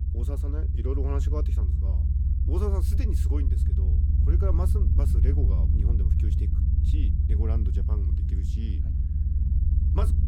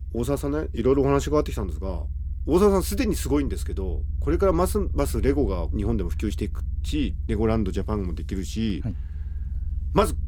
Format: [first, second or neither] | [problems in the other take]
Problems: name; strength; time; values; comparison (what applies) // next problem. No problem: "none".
second | low rumble; loud; throughout; 1 dB below the speech; faint in the second